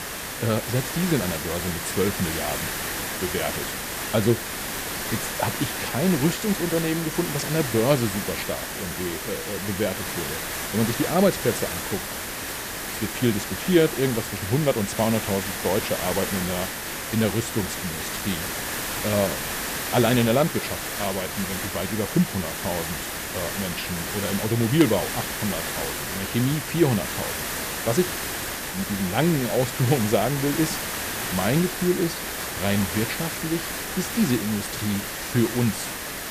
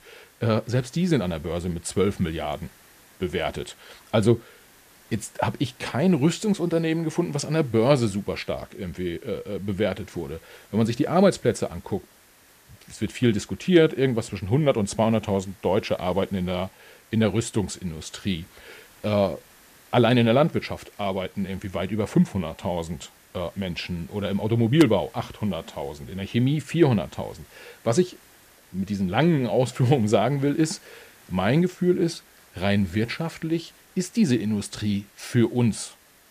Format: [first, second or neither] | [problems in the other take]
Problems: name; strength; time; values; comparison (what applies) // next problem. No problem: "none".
second | hiss; loud; throughout; 3 dB below the speech; faint in the second